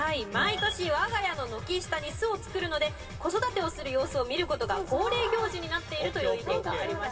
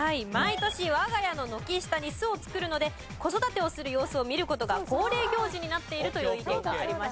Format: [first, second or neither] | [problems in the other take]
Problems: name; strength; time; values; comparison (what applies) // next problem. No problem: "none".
second | room echo; dies away in 2.9 s